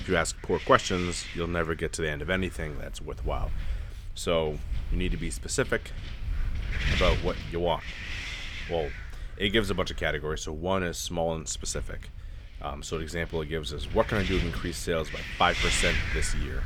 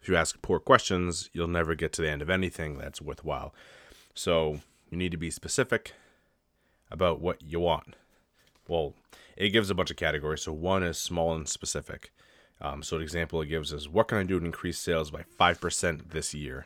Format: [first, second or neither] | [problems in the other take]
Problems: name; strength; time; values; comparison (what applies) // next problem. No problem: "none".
second | wind noise on the microphone; heavy; 4 dB below the speech